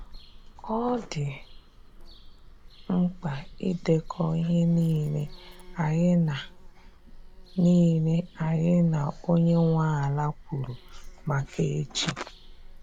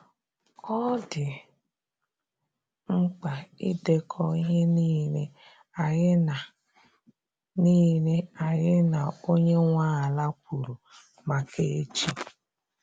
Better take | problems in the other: second | background sound (Bird vocalization, bird call, bird song); 18 dB below the speech

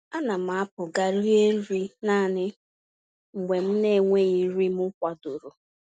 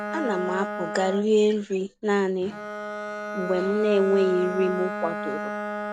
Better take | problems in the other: first | background sound (Bowed string instrument); 7 dB below the speech

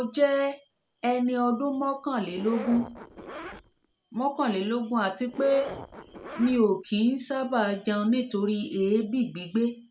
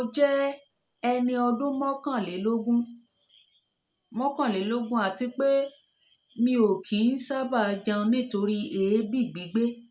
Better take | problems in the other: second | background sound (Zipper (clothing)); 13 dB below the speech

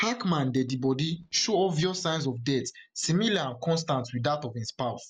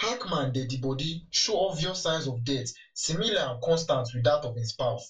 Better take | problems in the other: first | room echo; dies away in 0.2 s

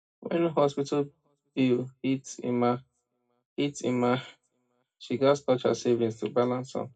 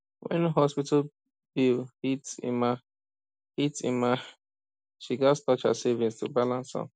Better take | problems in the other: second | room echo; dies away in 0.2 s

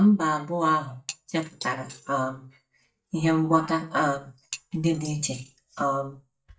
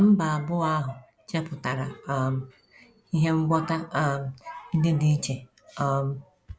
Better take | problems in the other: second | noise reduction (neural mask model DeepFilterNet 3)

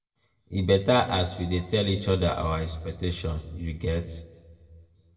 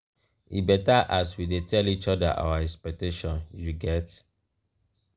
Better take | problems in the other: second | room echo; dies away in 1 s

